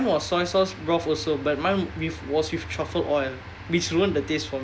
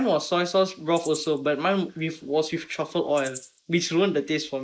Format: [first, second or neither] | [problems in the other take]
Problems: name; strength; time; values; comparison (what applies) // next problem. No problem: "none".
first | noise reduction (neural mask model Resemble Enhance denoiser)